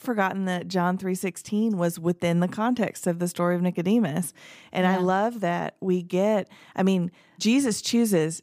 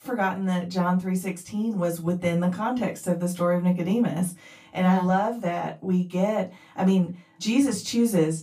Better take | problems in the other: first | off-mic speech; far // room echo; very slight; dies away in 0.2 s

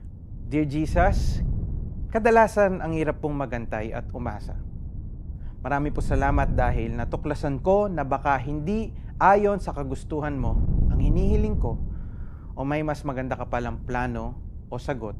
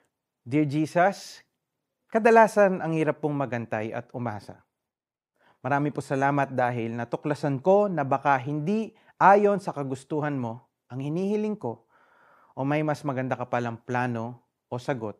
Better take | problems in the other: second | wind noise on the microphone; occasional gusts; 20 dB below the speech

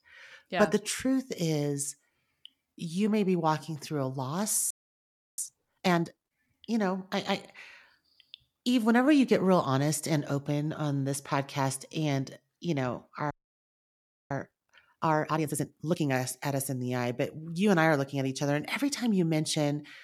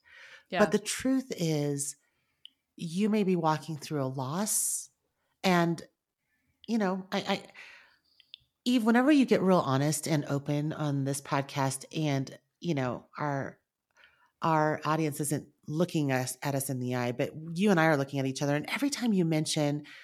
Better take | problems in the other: second | audio freezing; at 4.5 s for 0.5 s and at 13 s for 1 s

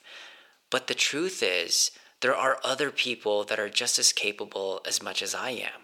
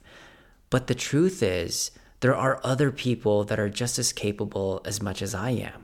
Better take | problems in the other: second | thin; somewhat; fading below 500 Hz

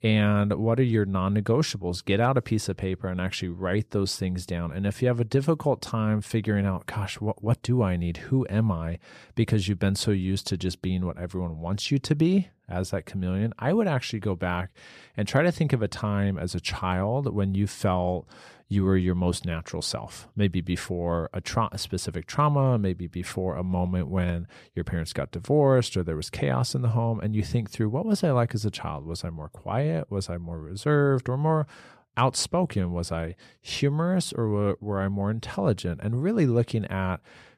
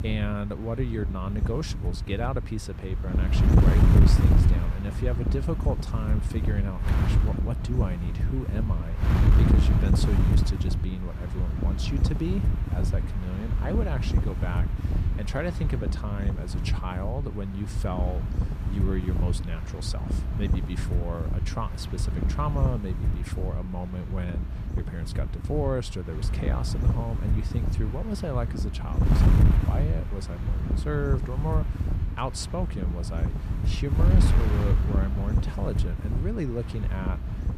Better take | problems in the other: first | wind noise on the microphone; heavy; 2 dB below the speech

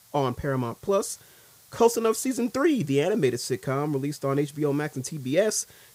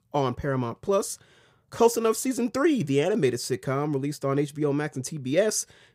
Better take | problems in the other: second | hiss; faint; throughout; 25 dB below the speech

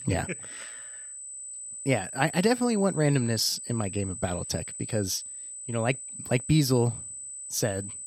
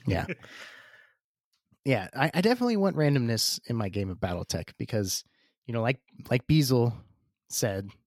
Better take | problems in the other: second | high-pitched whine; loud; throughout; 8 kHz, 9 dB below the speech

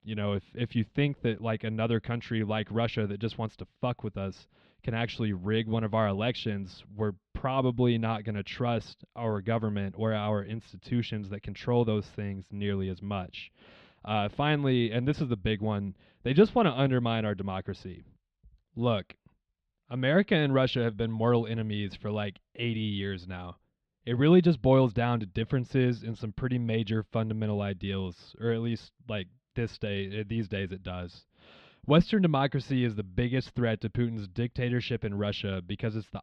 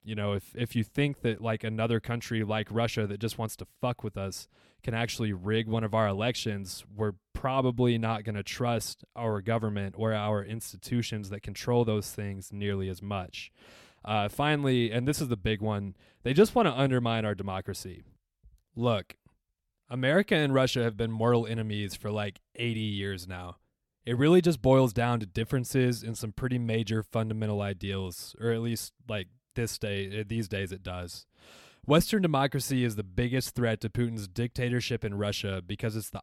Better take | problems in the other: second | muffled; slightly; fading above 3.5 kHz

